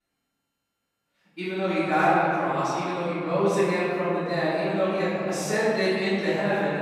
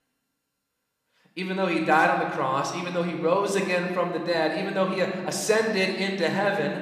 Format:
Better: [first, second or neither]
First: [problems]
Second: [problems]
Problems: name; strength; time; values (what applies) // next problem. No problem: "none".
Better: second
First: room echo; strong; dies away in 2.5 s // off-mic speech; far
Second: room echo; slight; dies away in 1.3 s